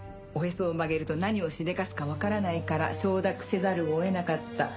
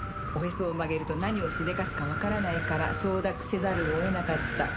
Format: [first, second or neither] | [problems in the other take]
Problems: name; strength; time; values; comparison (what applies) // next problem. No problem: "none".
first | background sound (Wind); 3 dB below the speech